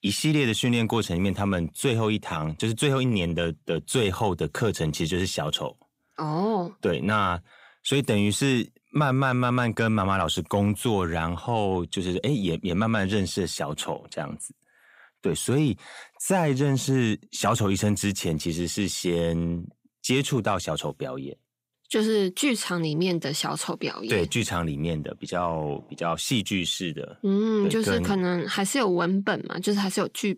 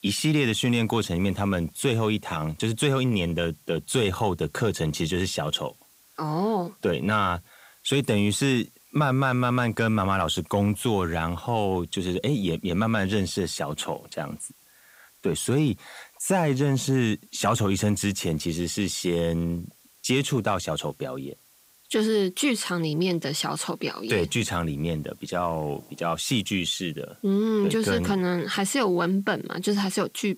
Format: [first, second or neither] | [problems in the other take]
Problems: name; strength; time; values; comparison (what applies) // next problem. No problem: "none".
first | hiss; faint; throughout; 30 dB below the speech